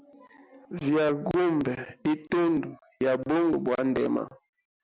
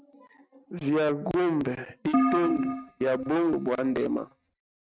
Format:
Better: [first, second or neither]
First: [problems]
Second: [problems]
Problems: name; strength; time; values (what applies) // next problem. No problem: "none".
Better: first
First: none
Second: noise reduction (neural mask model RNNoise)